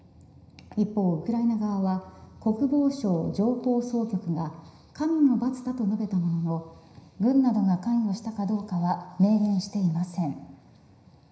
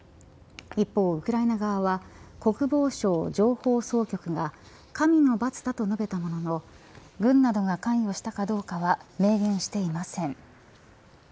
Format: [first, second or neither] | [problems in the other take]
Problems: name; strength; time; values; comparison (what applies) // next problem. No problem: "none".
second | room echo; dies away in 0.9 s